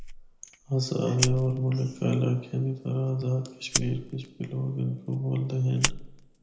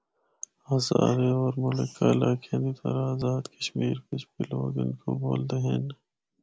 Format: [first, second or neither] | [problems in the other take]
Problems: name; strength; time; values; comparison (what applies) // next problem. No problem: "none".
second | background sound (Fire); 8 dB below the speech // room echo; dies away in 0.8 s